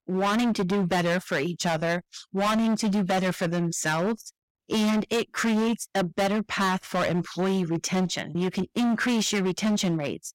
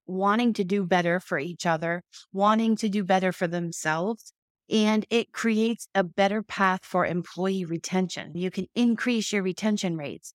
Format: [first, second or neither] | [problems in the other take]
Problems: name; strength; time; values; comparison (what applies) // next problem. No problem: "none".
second | distortion; heavy; 23% of the sound clipped